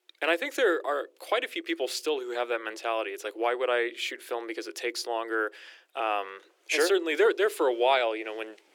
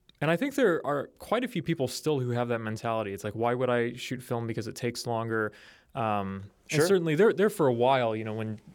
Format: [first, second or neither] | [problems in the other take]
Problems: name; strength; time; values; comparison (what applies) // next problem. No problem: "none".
second | thin; very; fading below 350 Hz